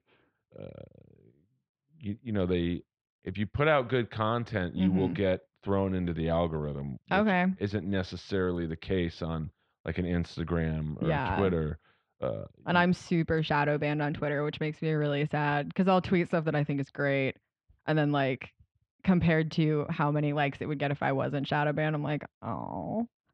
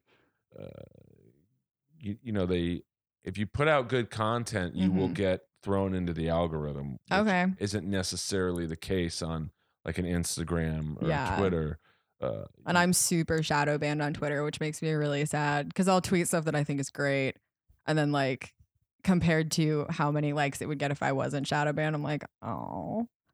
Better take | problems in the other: second | muffled; slightly; fading above 3.5 kHz

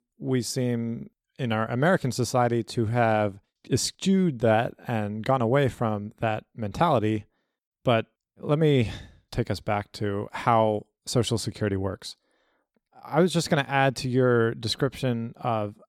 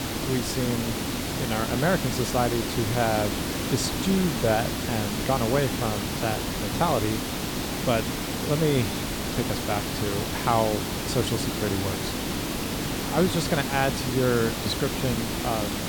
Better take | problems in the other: first | hiss; loud; throughout; 1 dB below the speech

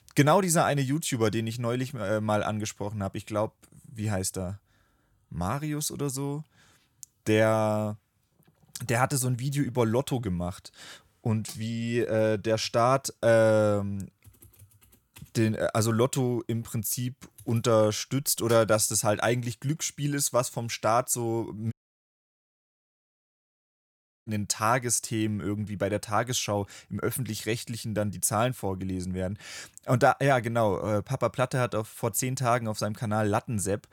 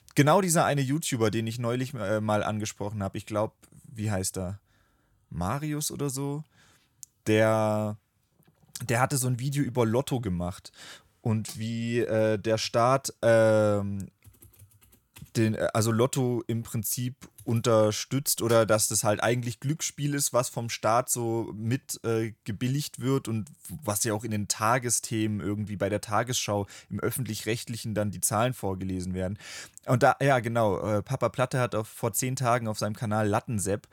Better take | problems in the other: second | audio cutting out; at 22 s for 2.5 s

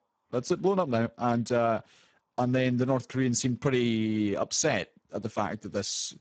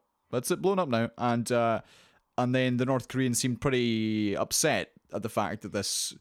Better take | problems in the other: second | garbled, watery; badly; nothing above 7.5 kHz

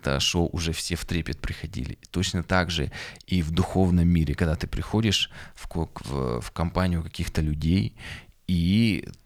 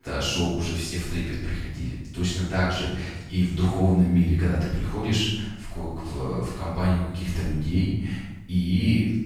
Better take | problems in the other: first | off-mic speech; far // room echo; strong; dies away in 0.9 s

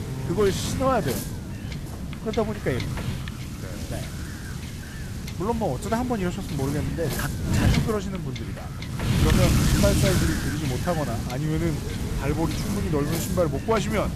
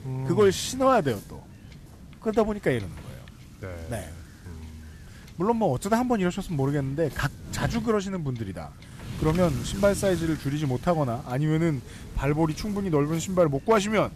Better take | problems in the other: second | wind noise on the microphone; heavy; 4 dB below the speech; occasional gusts in the second

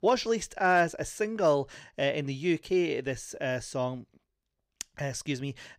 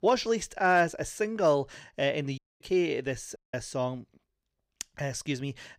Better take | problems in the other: first | audio cutting out; at 2.5 s and at 3.5 s

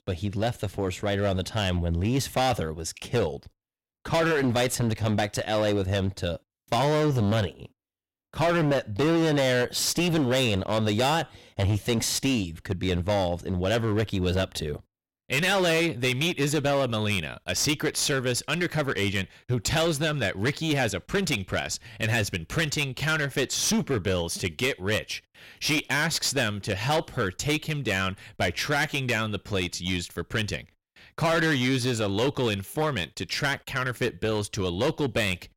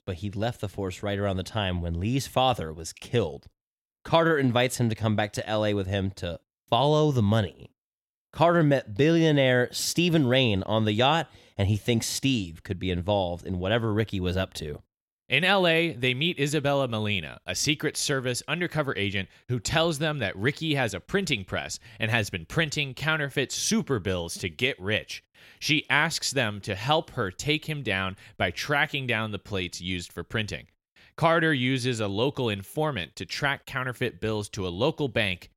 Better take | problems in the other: second | distortion; heavy; 14% of the sound clipped

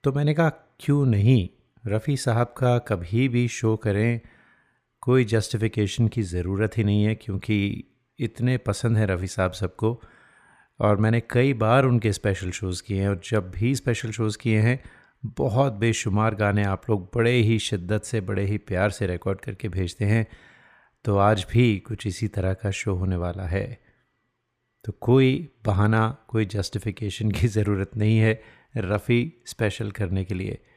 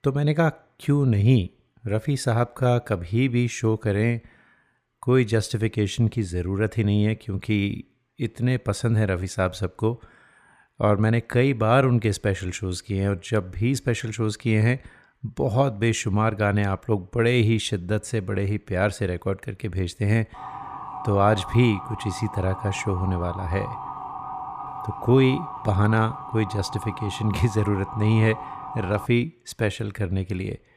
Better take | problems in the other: first | siren; noticeable; from 20 to 29 s; peak 10 dB below the speech

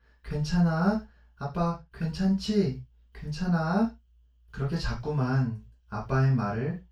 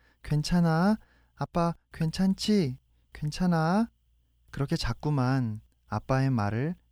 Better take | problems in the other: second | room echo; slight; dies away in 0.2 s // off-mic speech; far

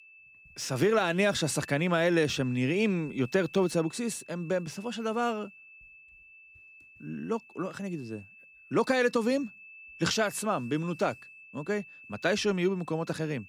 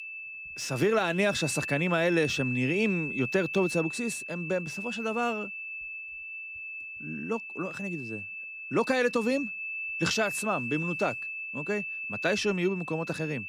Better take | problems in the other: first | high-pitched whine; loud; throughout; 2.5 kHz, 5 dB below the speech; faint in the first

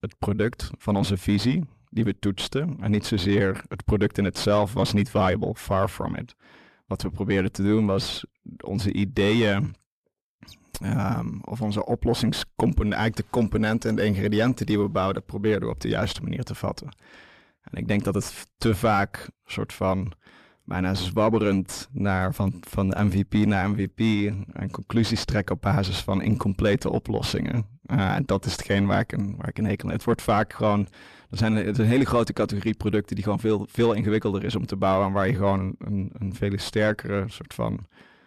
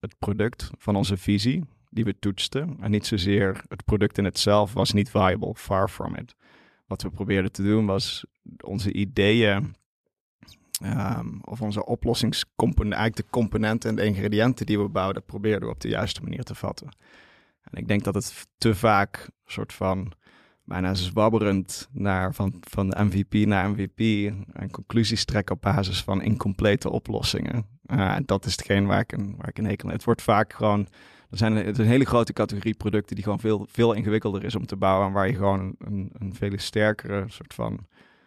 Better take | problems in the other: second | distortion; slight; 10 dB below the speech

